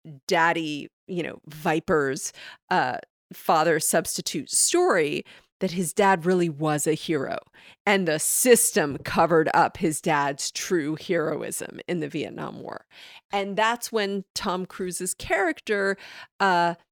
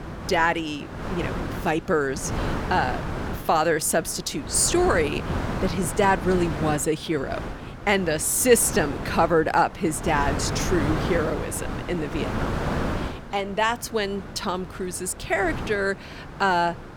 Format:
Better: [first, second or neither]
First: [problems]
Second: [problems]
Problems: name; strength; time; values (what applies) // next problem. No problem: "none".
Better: first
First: none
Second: wind noise on the microphone; heavy; 10 dB below the speech